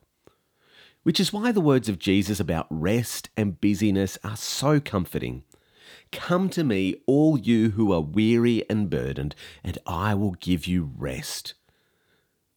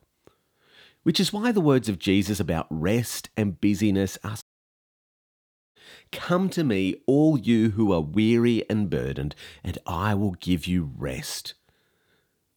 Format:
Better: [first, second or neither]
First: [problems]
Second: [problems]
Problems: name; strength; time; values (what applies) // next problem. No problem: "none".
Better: first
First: none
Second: audio cutting out; at 4.5 s for 1.5 s